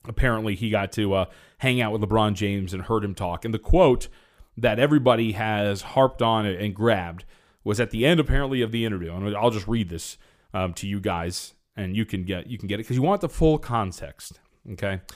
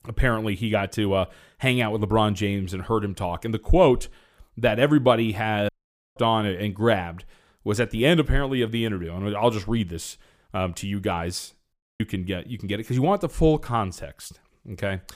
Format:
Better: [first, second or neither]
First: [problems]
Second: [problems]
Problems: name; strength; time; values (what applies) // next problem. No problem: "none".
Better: first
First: none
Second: audio cutting out; at 5.5 s and at 12 s